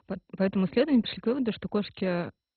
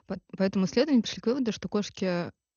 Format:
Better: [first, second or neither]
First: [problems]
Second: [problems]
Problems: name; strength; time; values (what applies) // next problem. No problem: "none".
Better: second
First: garbled, watery; badly; nothing above 4 kHz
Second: garbled, watery; slightly; nothing above 6.5 kHz